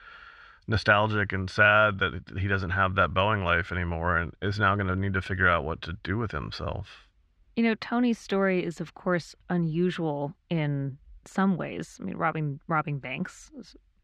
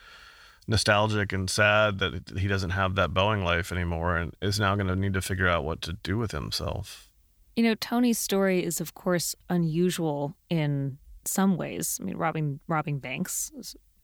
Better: second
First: muffled; slightly; fading above 2.5 kHz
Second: none

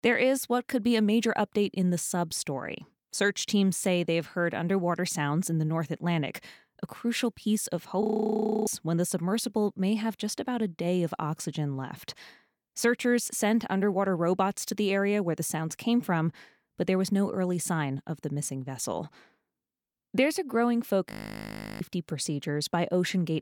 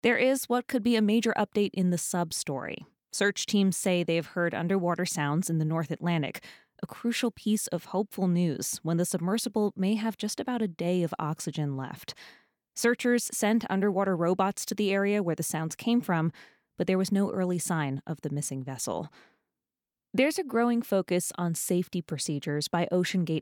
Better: second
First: audio freezing; at 8 s for 0.5 s and at 21 s for 0.5 s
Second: none

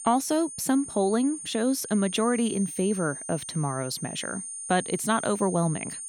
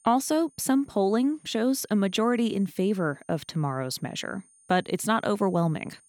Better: second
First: high-pitched whine; loud; throughout; 9 kHz, 8 dB below the speech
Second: high-pitched whine; faint; throughout; 9 kHz, 30 dB below the speech

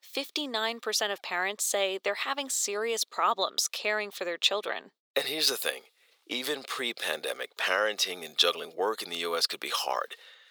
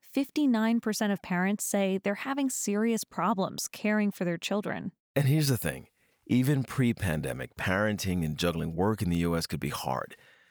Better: second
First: thin; very; fading below 450 Hz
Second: none

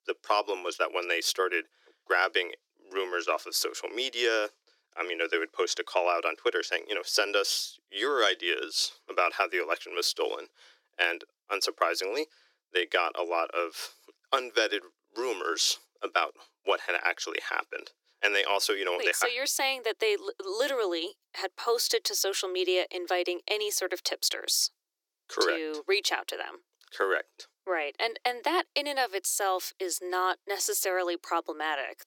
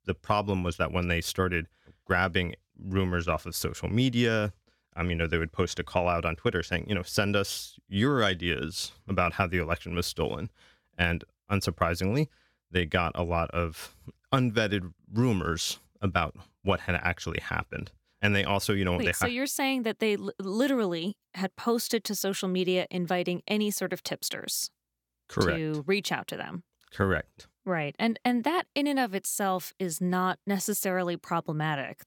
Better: second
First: thin; very; fading below 350 Hz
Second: none

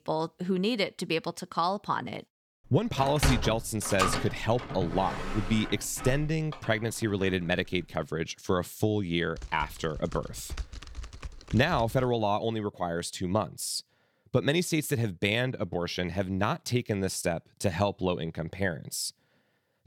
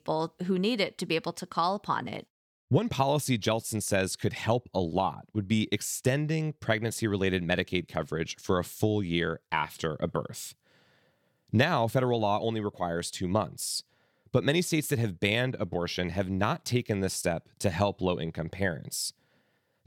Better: second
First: door banging; loud; from 3 to 6.5 s; peak 1 dB above the speech // keyboard typing; faint; from 9.5 to 12 s; peak 10 dB below the speech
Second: none

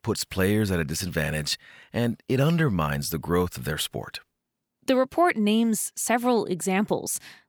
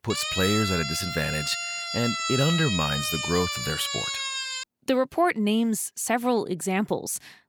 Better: first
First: none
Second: siren; loud; until 4.5 s; peak 1 dB above the speech

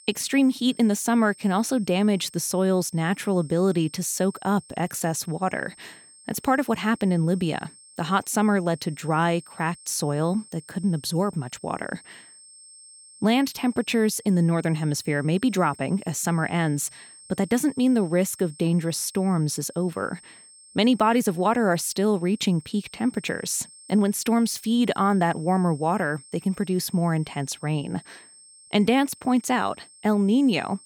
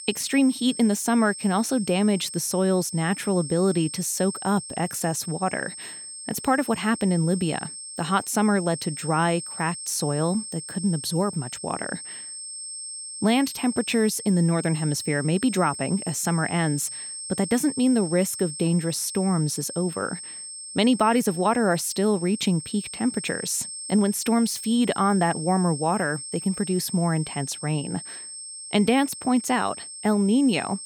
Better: first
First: high-pitched whine; faint; throughout; 8.5 kHz, 20 dB below the speech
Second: high-pitched whine; loud; throughout; 8.5 kHz, 10 dB below the speech

